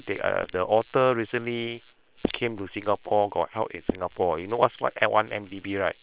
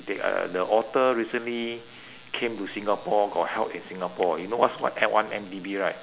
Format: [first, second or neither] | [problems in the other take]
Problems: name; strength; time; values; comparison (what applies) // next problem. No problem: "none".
second | noise reduction (neural separator model SepFormer WHAM!)